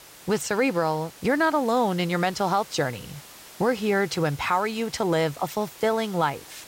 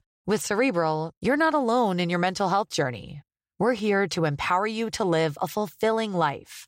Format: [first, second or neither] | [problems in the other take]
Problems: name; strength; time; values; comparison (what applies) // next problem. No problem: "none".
second | hiss; noticeable; throughout; 20 dB below the speech